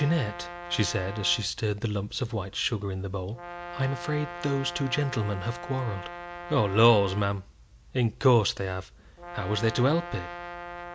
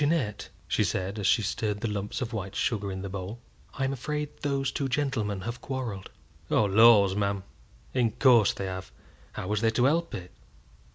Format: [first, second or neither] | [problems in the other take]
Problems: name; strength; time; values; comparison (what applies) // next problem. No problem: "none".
second | background sound (Brass instrument); 13 dB below the speech